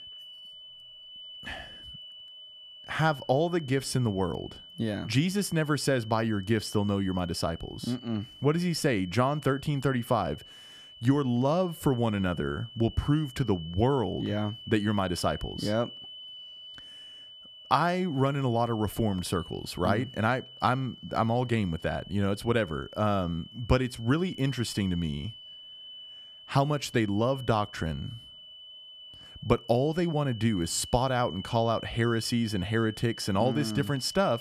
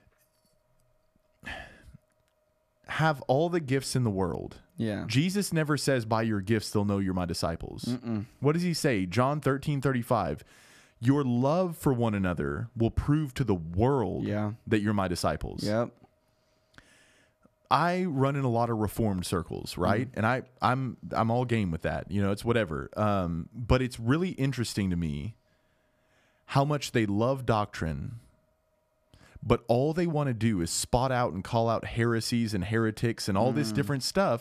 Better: second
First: high-pitched whine; noticeable; throughout; 3 kHz, 15 dB below the speech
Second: none

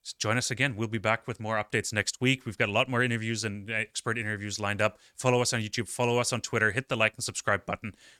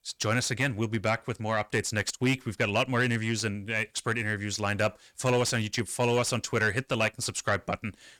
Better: first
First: none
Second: distortion; slight; 10 dB below the speech

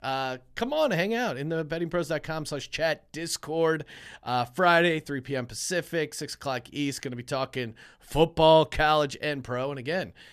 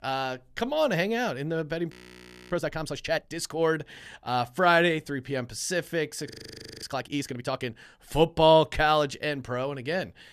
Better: first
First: none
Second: audio freezing; at 2 s for 0.5 s and at 6.5 s for 0.5 s

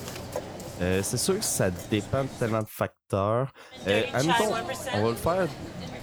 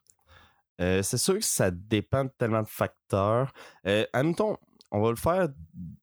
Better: second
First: hiss; loud; until 2.5 s and from 4 s on; 6 dB below the speech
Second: none

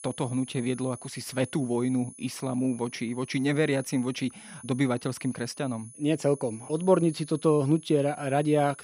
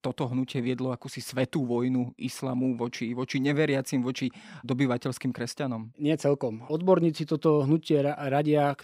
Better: second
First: high-pitched whine; noticeable; throughout; 10 kHz, 20 dB below the speech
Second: none

